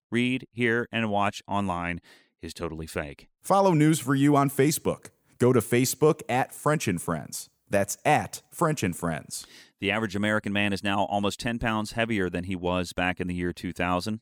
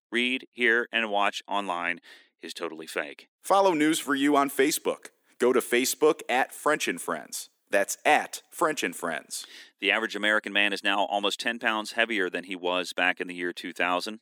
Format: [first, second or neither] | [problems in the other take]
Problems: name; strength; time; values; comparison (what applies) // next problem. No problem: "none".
first | thin; somewhat; fading below 300 Hz